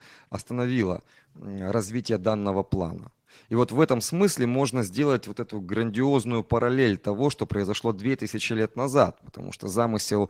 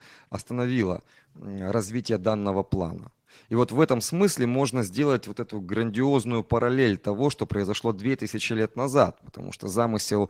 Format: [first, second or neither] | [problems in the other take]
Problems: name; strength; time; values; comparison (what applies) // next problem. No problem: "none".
neither | garbled, watery; slightly; nothing above 16 kHz; the same in both